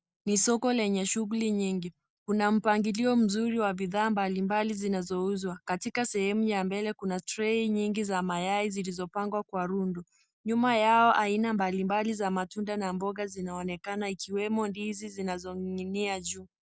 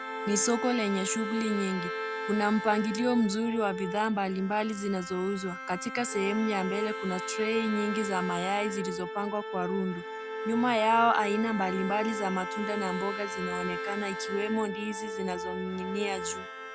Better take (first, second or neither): first